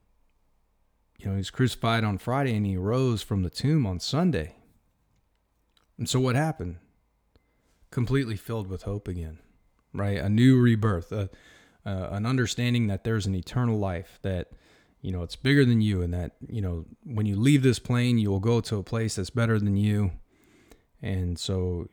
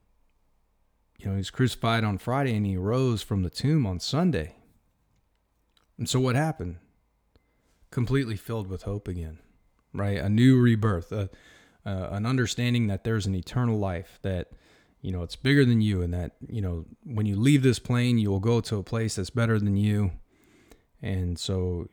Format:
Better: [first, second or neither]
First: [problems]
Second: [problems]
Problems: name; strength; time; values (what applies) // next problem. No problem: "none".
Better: neither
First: none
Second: none